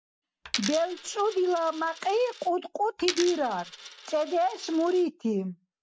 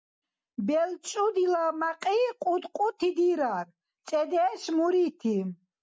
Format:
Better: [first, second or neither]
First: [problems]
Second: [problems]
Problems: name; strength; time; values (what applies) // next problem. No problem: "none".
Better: second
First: background sound (Coin (dropping)); 12 dB below the speech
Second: none